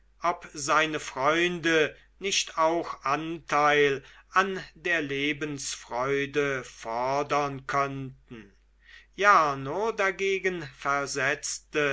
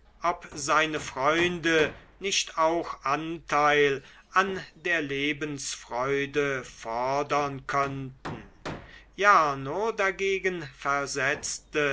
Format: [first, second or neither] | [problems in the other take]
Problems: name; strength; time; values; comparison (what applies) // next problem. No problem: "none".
first | background sound (Hammer); 20 dB below the speech